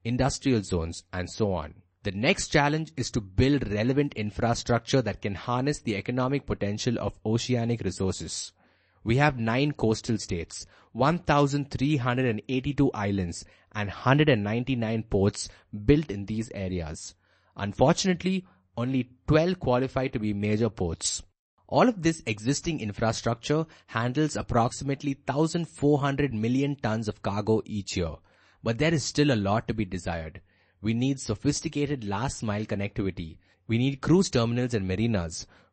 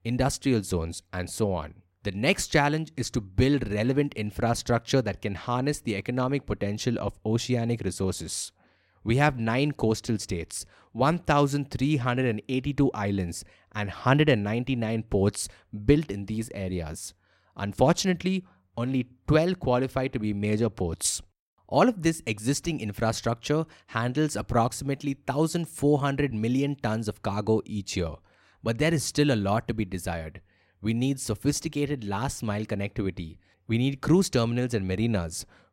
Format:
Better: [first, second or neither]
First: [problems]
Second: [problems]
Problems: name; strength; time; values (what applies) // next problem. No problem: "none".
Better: second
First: garbled, watery; slightly; nothing above 8 kHz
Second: none